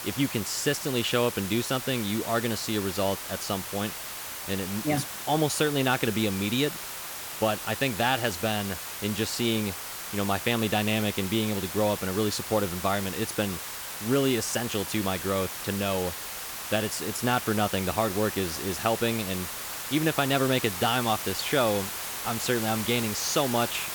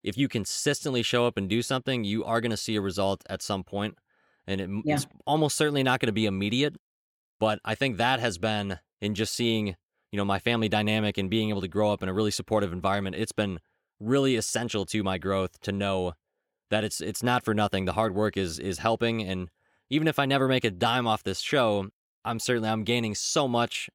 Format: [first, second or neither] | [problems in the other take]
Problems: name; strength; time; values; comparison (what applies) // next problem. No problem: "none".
second | hiss; loud; throughout; 6 dB below the speech